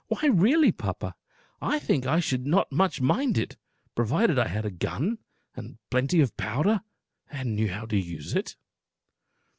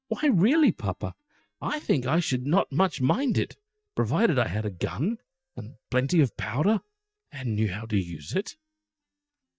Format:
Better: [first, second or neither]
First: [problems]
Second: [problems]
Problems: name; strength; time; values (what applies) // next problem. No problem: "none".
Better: first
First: none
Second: noise reduction (neural mask model DeepFilterNet 3)